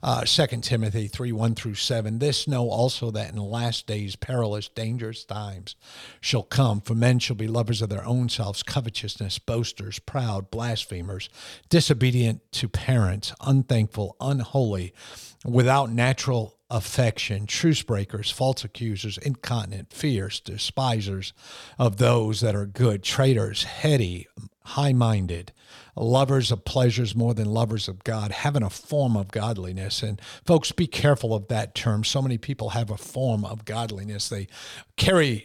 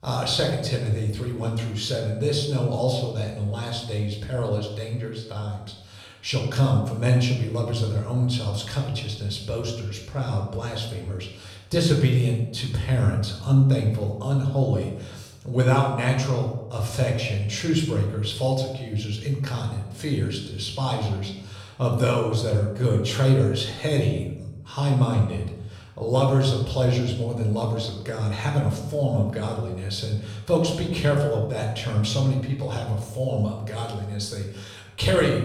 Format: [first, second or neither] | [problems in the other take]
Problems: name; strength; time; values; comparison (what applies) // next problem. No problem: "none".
first | off-mic speech; somewhat distant // room echo; noticeable; dies away in 0.7 s